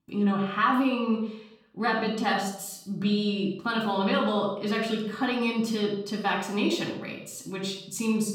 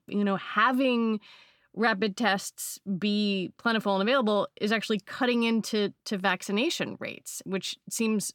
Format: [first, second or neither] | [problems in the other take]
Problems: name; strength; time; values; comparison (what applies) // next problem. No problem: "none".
second | off-mic speech; somewhat distant // room echo; noticeable; dies away in 0.6 s